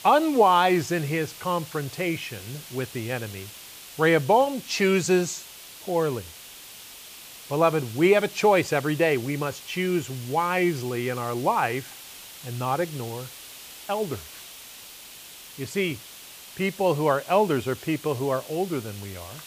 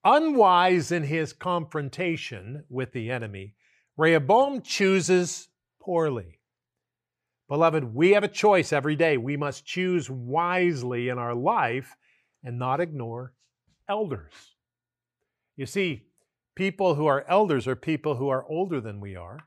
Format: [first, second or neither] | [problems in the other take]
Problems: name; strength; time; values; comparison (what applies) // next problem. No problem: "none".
second | hiss; noticeable; throughout; 15 dB below the speech